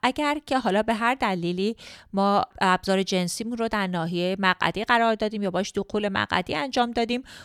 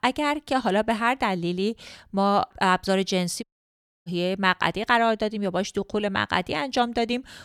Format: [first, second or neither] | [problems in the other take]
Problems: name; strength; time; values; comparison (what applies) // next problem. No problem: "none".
first | audio cutting out; at 3.5 s for 0.5 s